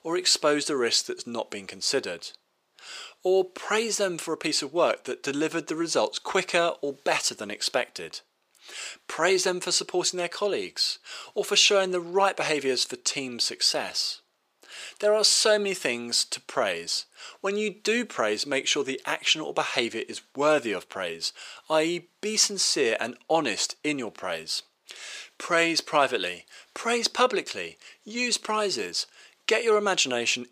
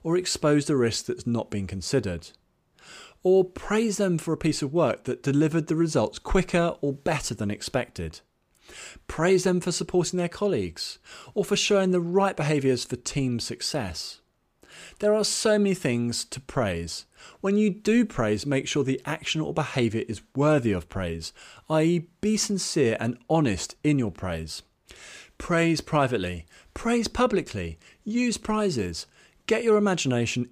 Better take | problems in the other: second | thin; somewhat; fading below 500 Hz

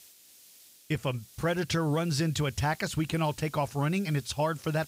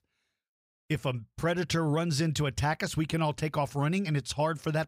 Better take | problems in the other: second | hiss; faint; throughout; 20 dB below the speech

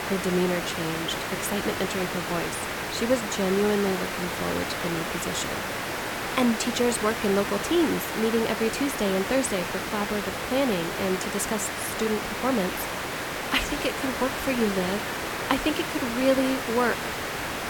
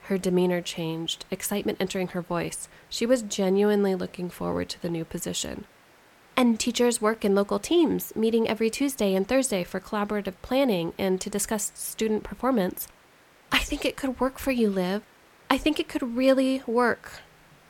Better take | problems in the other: second | hiss; loud; throughout; 2 dB below the speech; faint in the second

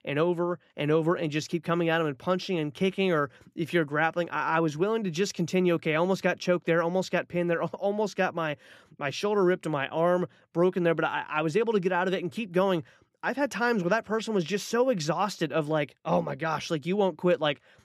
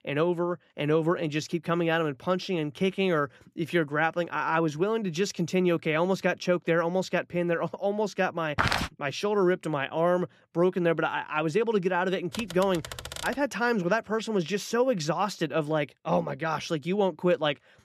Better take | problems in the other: first | footsteps; loud; at 8.5 s; peak 1 dB above the speech // keyboard typing; noticeable; from 12 to 13 s; peak 9 dB below the speech

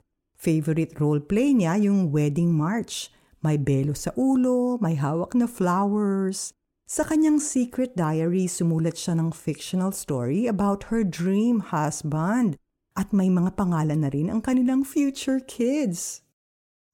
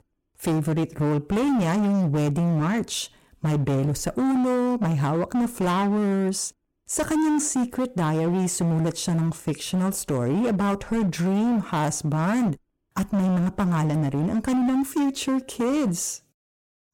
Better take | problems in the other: first | distortion; slight; 25% of the sound clipped

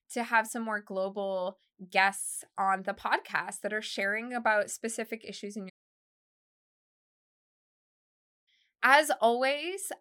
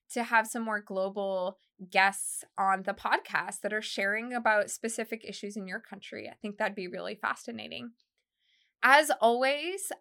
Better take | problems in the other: second | audio cutting out; at 5.5 s for 3 s

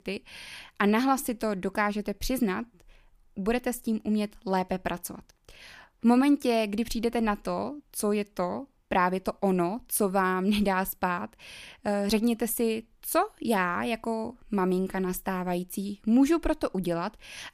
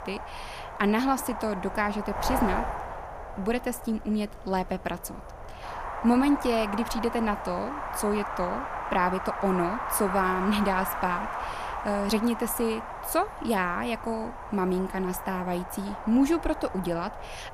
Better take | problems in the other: first | wind noise on the microphone; heavy; 3 dB below the speech

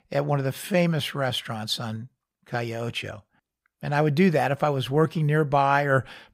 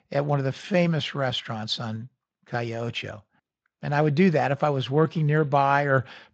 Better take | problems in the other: first | garbled, watery; slightly; nothing above 7.5 kHz

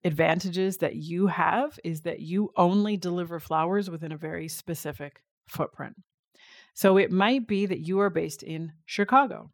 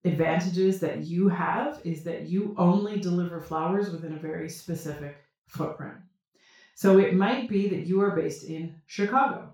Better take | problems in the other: first | room echo; noticeable; dies away in 0.3 s // off-mic speech; far

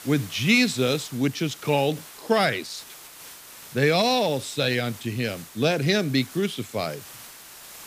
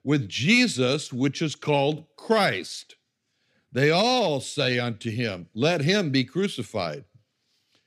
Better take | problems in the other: second | hiss; noticeable; throughout; 20 dB below the speech

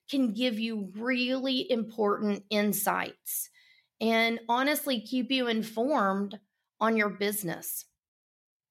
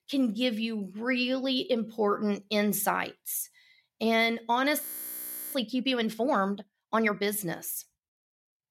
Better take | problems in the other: first | audio freezing; at 5 s for 0.5 s

